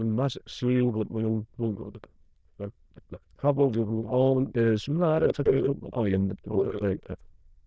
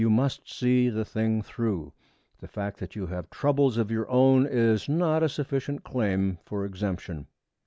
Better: second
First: noise reduction (neural diffusion model UNIVERSE++)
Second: none

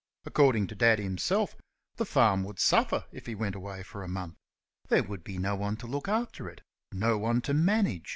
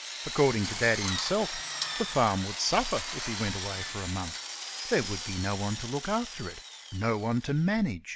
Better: first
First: none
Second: background sound (Drill); 7 dB below the speech

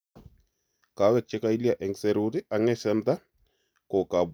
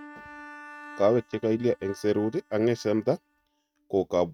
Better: first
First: none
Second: noise reduction (neural mask model RNNoise)

